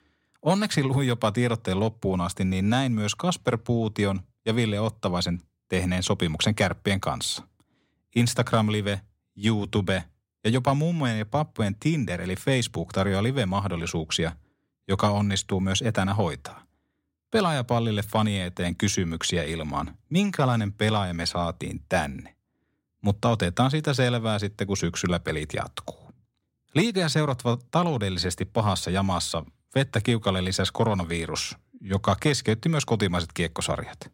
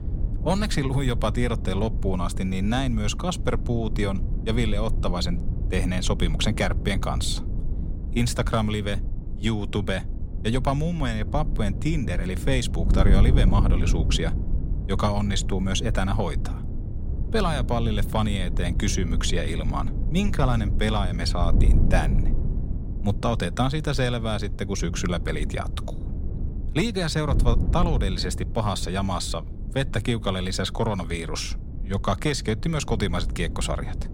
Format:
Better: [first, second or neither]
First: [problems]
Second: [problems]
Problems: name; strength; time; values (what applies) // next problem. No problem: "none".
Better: first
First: none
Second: wind noise on the microphone; occasional gusts; 15 dB below the speech